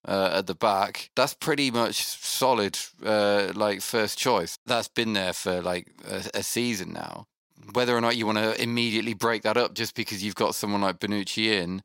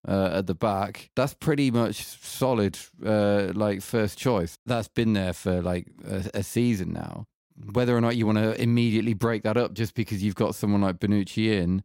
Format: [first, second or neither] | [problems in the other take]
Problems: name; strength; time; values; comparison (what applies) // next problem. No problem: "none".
second | thin; somewhat; fading below 800 Hz